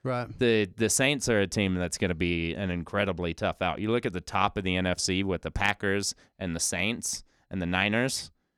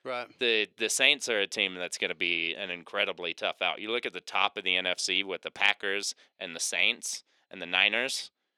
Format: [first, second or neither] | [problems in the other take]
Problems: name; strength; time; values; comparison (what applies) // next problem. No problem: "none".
first | thin; somewhat; fading below 450 Hz